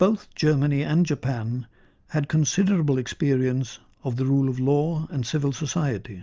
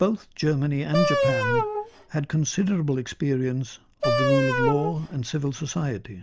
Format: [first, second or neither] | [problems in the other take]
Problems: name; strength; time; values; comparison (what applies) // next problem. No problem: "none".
first | background sound (Wind instrument, woodwind instrument); as loud as the speech